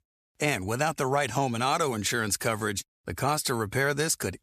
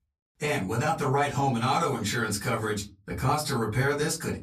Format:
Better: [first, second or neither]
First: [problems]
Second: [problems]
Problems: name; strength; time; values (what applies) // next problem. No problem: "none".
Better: first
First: none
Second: off-mic speech; far // room echo; very slight; dies away in 0.3 s